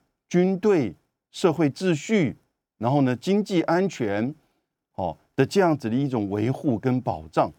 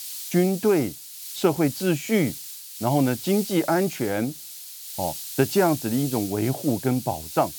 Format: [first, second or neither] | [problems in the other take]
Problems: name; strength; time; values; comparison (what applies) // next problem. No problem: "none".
first | hiss; loud; throughout; 10 dB below the speech